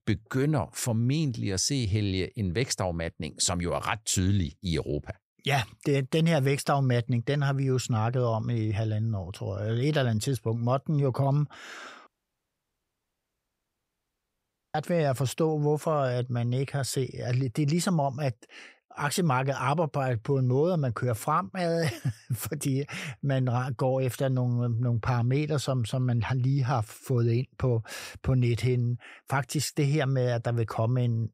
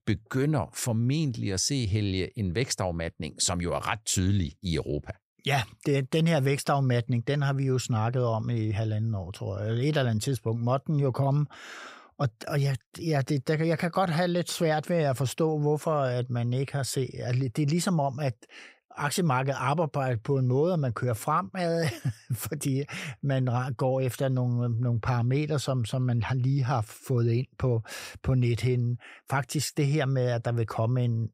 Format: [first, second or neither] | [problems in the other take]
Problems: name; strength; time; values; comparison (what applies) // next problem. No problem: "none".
second | audio cutting out; at 12 s for 2.5 s